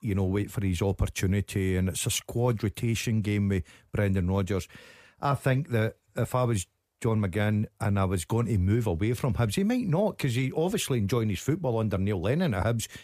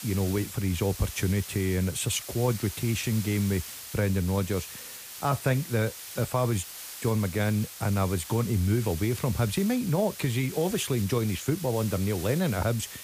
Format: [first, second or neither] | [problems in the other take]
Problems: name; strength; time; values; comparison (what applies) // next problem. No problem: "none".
first | hiss; noticeable; throughout; 10 dB below the speech